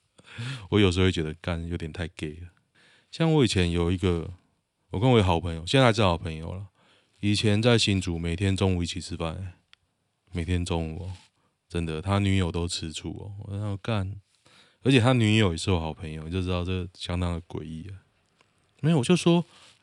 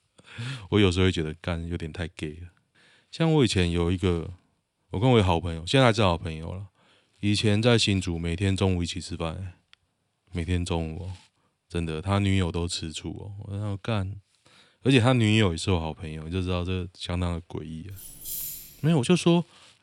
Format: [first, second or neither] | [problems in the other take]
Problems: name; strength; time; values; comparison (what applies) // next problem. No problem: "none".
first | jangling keys; noticeable; at 18 s; peak 6 dB below the speech